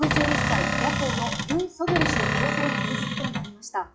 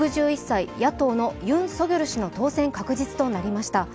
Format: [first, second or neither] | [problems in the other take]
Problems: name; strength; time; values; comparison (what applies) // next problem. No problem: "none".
second | noise reduction (classical method WPE with log-MMSE)